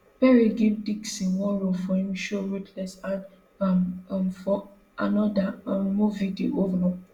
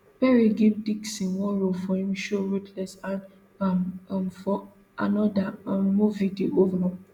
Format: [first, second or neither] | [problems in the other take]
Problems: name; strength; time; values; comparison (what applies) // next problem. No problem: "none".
second | room echo; dies away in 0.2 s